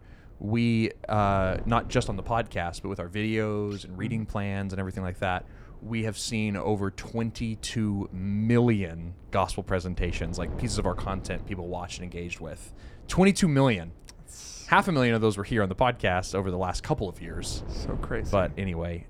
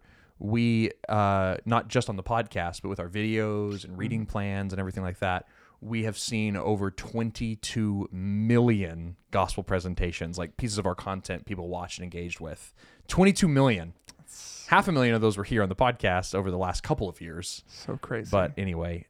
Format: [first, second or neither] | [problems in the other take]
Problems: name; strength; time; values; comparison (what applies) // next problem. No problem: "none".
second | wind noise on the microphone; occasional gusts; 20 dB below the speech